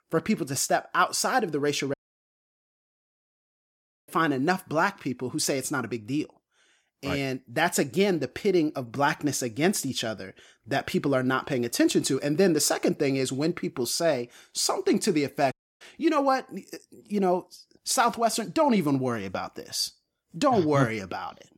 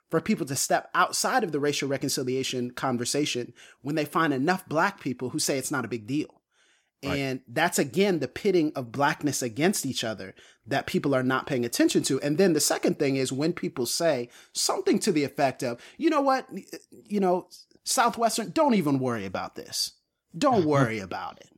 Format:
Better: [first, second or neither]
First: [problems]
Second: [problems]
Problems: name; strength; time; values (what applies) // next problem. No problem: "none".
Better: second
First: audio cutting out; at 2 s for 2 s and at 16 s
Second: none